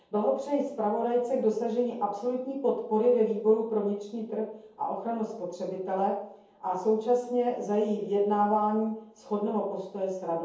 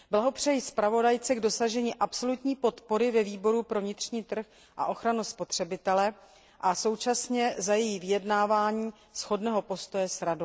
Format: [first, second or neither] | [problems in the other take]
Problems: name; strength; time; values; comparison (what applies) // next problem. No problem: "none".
second | room echo; dies away in 0.7 s